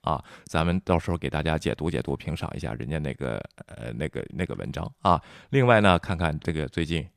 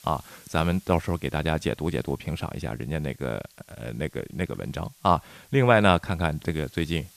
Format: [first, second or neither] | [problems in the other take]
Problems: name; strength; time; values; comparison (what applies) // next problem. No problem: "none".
first | hiss; faint; throughout; 25 dB below the speech